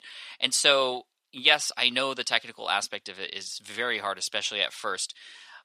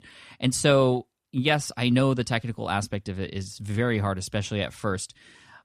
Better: second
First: thin; very; fading below 650 Hz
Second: none

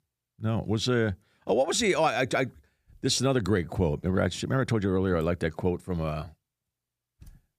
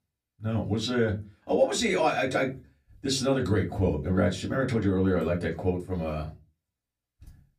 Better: first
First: none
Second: off-mic speech; far // room echo; very slight; dies away in 0.2 s

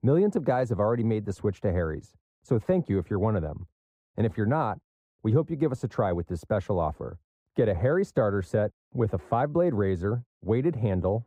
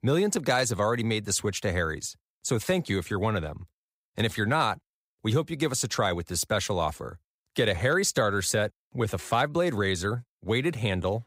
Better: second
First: muffled; very; fading above 2 kHz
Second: none

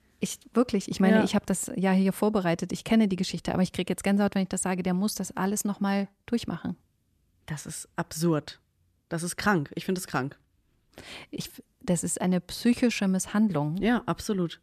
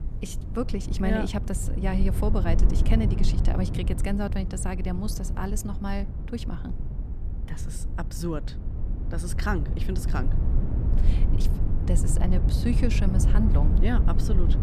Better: first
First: none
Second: low rumble; loud; throughout; 7 dB below the speech

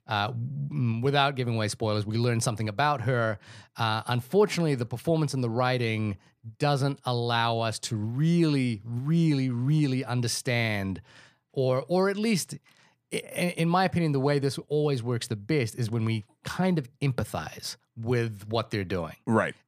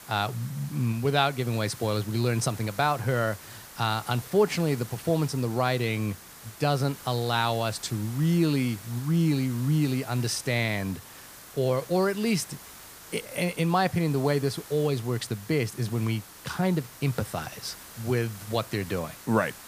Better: first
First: none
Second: hiss; noticeable; throughout; 15 dB below the speech

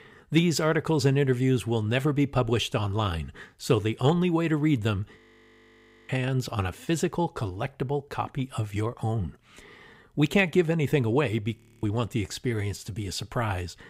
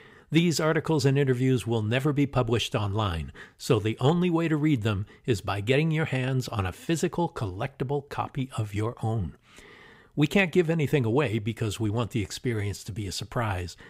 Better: second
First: audio freezing; at 5 s for 1 s and at 12 s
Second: none

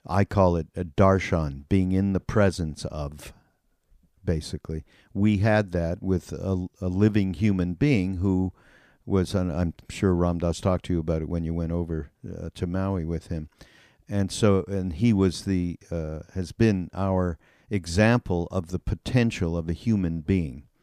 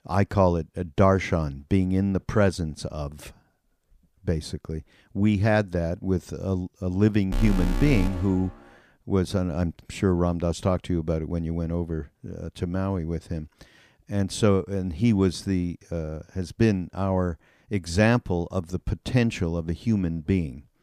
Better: first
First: none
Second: alarm; noticeable; from 7.5 to 8.5 s; peak 3 dB below the speech

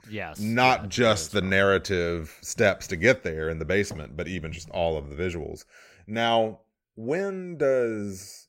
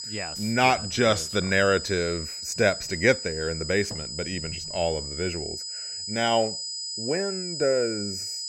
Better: first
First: none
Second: high-pitched whine; loud; throughout; 5 kHz, 6 dB below the speech

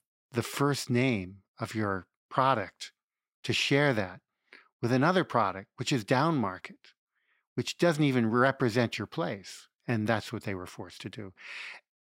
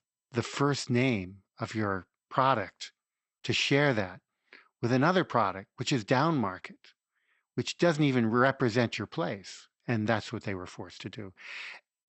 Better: first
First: none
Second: garbled, watery; slightly; nothing above 8 kHz

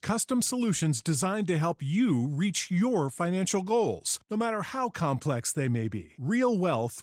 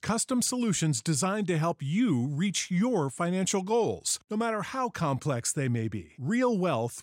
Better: second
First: garbled, watery; slightly; nothing above 16 kHz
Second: none

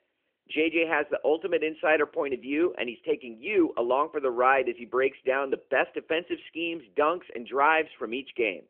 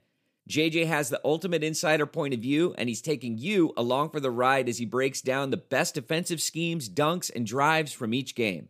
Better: second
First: phone-call audio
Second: none

